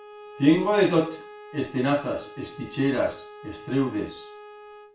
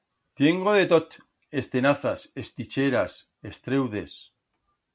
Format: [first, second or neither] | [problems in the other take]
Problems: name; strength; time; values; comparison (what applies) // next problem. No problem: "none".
second | background sound (Bowed string instrument); 17 dB below the speech // room echo; dies away in 0.3 s